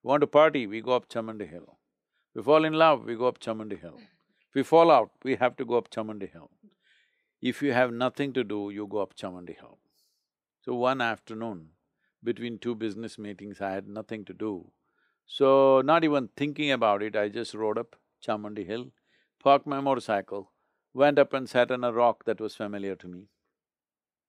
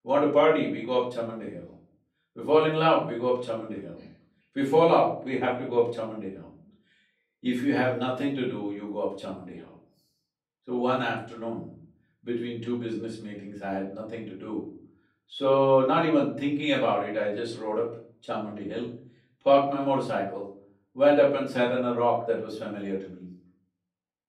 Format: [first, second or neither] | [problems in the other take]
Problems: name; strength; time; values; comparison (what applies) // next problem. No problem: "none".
first | off-mic speech; far // room echo; slight; dies away in 0.5 s